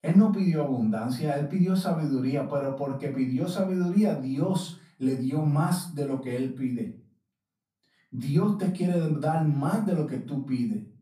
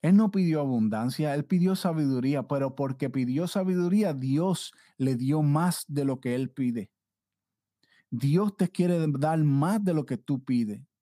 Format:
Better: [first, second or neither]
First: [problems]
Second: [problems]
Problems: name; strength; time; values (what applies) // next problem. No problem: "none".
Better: second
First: off-mic speech; far // room echo; slight; dies away in 0.3 s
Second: none